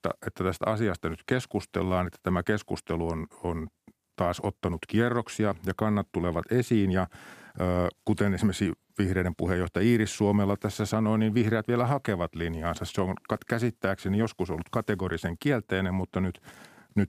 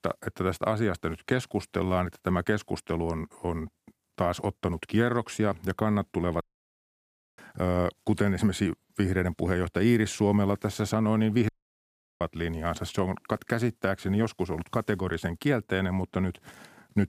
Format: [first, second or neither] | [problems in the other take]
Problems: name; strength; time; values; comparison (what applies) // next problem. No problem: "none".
first | audio cutting out; at 6.5 s for 1 s and at 11 s for 0.5 s